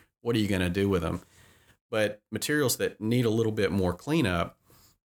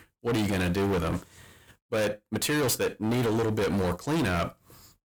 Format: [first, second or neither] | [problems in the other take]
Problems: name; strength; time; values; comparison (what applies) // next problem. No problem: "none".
first | distortion; heavy; 24% of the sound clipped